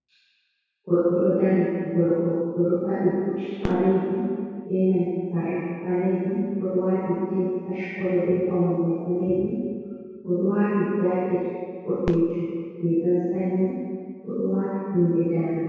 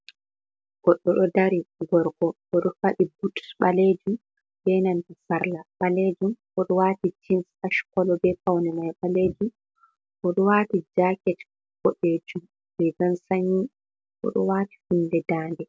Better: second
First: background sound (Fireworks); 17 dB below the speech // room echo; dies away in 1.9 s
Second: none

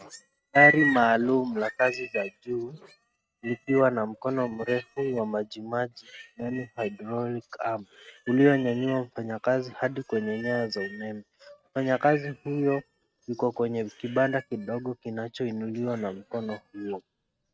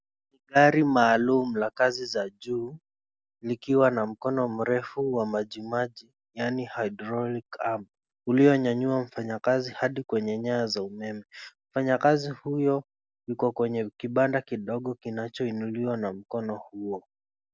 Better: second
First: noise reduction (neural mask model RNNoise)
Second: none

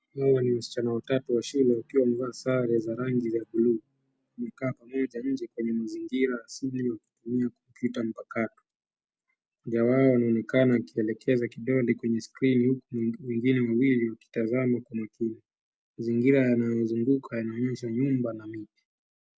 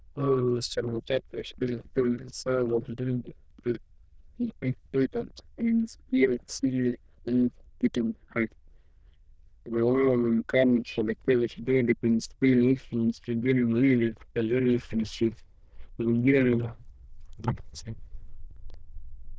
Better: first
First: none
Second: noise reduction (neural diffusion model UNIVERSE++)

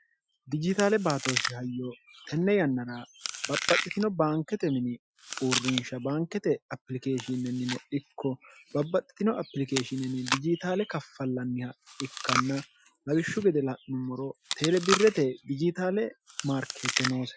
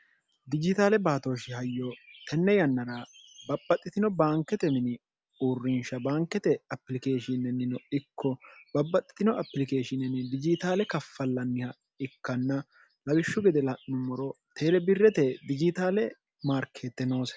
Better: second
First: noise reduction (classical method Wiener filter)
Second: none

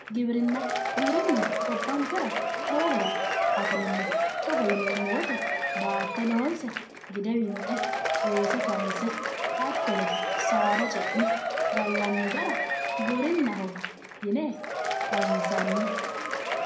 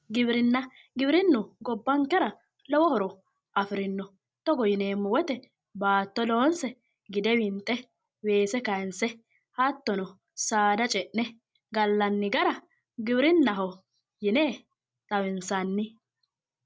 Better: second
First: background sound (Applause / Crowd / Cheering); 2 dB above the speech // room echo; dies away in 0.6 s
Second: none

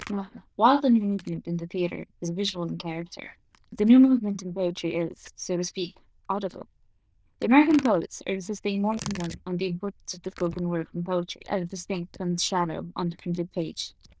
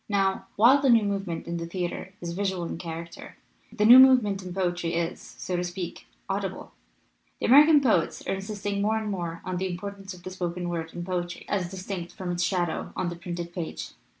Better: second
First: noise reduction (neural diffusion model UNIVERSE++)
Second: none

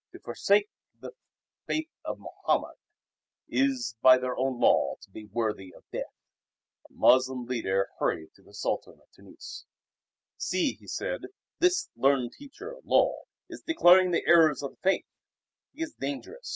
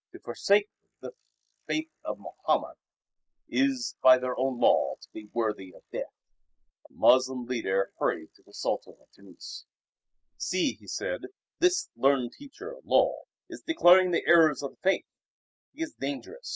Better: first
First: none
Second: noise reduction (neural mask model Resemble Enhance denoiser)

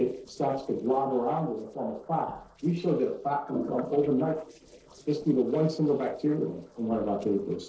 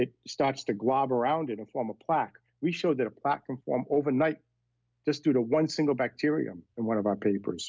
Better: second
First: noise reduction (neural separator model SepFormer DNS4)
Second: none

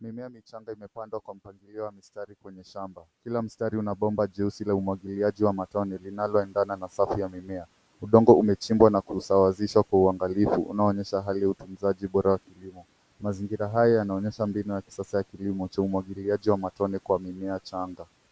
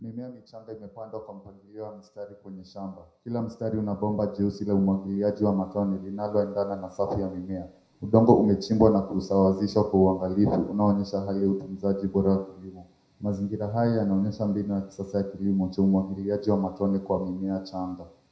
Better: first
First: none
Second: room echo; dies away in 0.4 s

